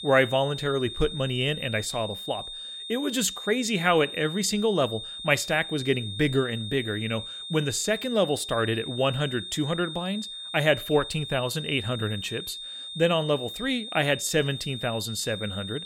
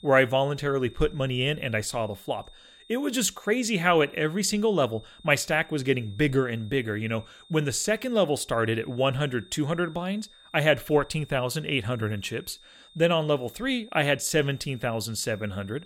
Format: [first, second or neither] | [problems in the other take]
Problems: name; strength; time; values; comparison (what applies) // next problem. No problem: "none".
second | high-pitched whine; loud; throughout; 3.5 kHz, 8 dB below the speech; faint in the second